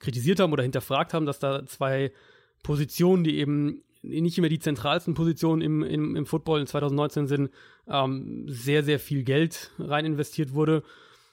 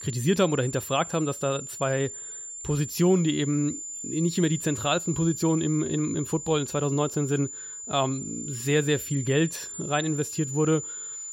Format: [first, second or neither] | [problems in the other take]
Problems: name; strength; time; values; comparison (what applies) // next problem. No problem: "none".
first | high-pitched whine; loud; throughout; 7 kHz, 8 dB below the speech